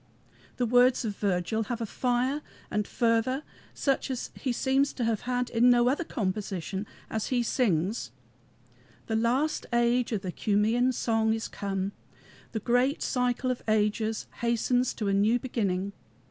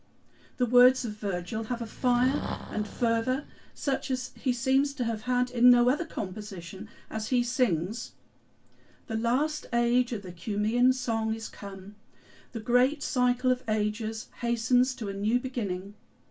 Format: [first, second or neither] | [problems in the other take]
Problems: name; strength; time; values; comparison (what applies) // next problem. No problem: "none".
first | background sound (Breathing); 12 dB below the speech // room echo; dies away in 0.2 s